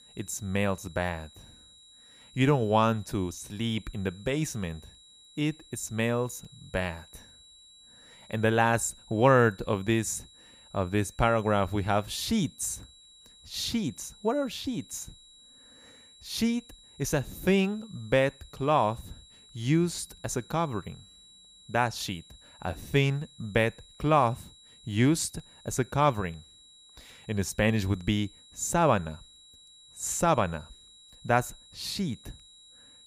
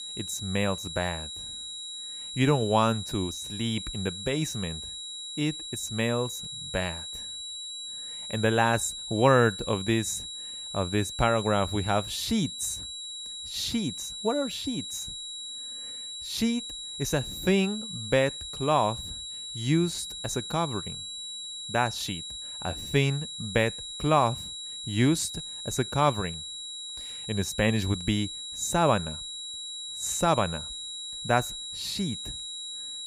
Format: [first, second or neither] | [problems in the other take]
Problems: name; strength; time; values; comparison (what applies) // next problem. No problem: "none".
first | high-pitched whine; loud; throughout; 4 kHz, 7 dB below the speech; faint in the first